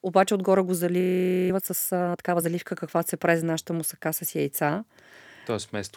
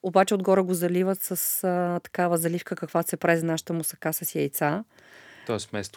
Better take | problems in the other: second | audio freezing; at 1 s

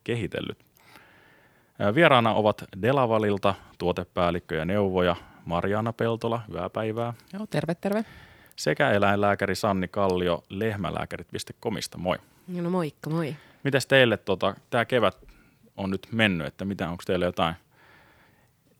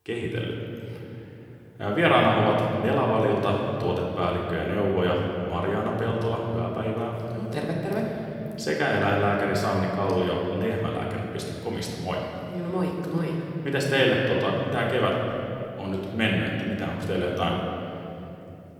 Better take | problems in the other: first | off-mic speech; far // room echo; noticeable; dies away in 2.9 s

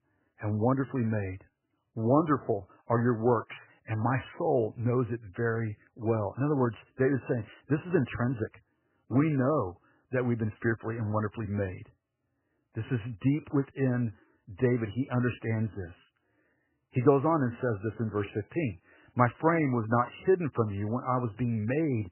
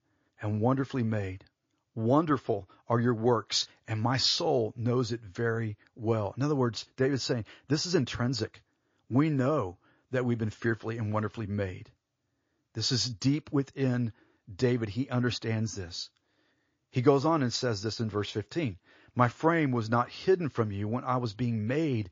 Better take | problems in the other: second | garbled, watery; badly; nothing above 3 kHz; slightly in the second

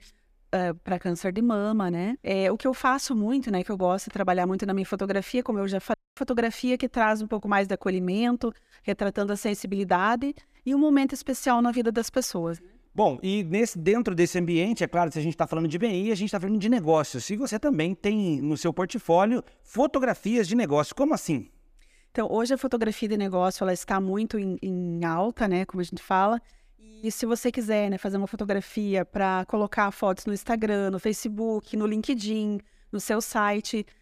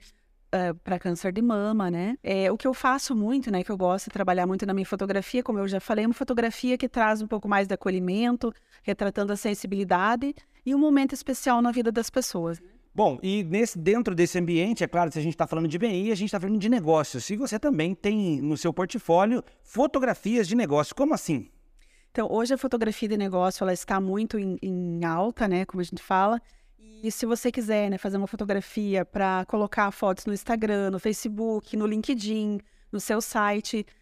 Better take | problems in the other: second | audio cutting out; at 6 s

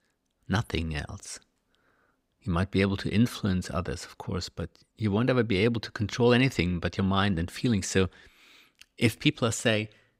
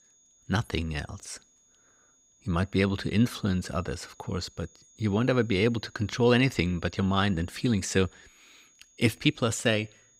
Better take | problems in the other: first | high-pitched whine; faint; throughout; 6.5 kHz, 30 dB below the speech

